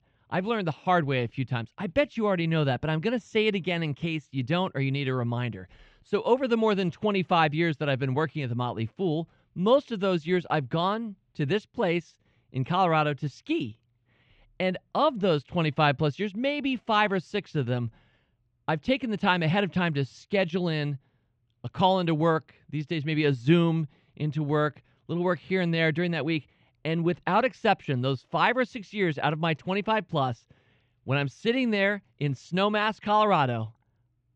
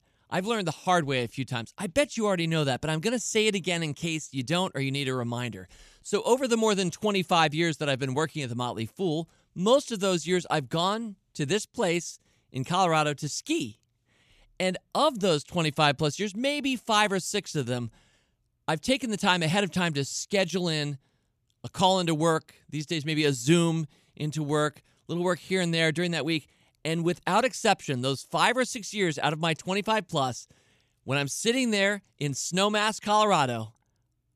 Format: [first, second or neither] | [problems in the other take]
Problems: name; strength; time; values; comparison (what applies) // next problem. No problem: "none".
second | muffled; slightly; fading above 3 kHz